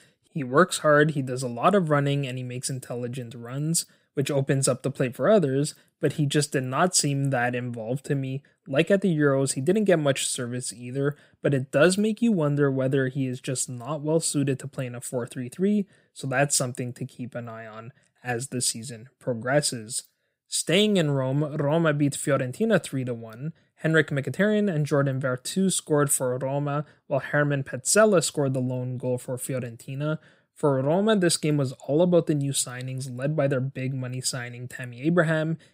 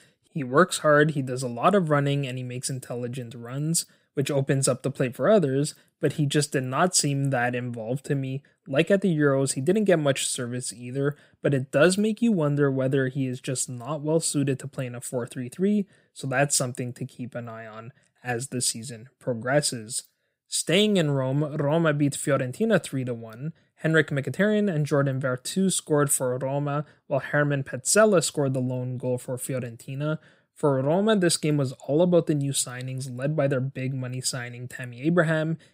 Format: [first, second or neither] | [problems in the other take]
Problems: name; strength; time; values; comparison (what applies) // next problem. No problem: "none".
neither | none